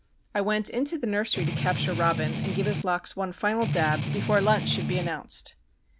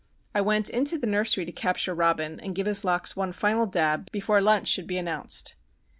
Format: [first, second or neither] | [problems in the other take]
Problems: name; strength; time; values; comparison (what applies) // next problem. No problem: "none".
second | background sound (Strum); 1 dB below the speech